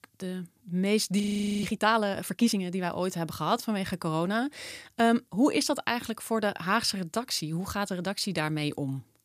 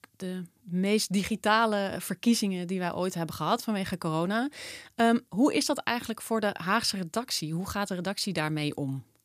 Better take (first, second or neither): second